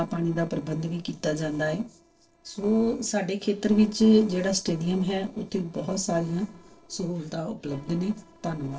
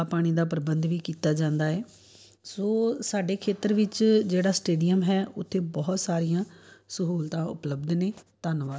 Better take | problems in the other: second | noise reduction (neural separator model SepFormer DNS4)

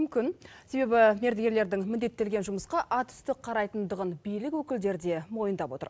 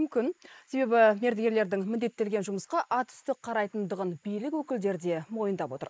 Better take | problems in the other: first | noise reduction (neural mask model Resemble Enhance denoiser)

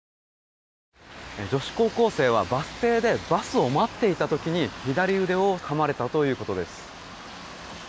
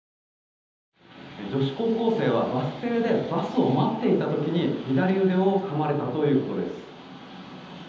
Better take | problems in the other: first | room echo; dies away in 0.9 s

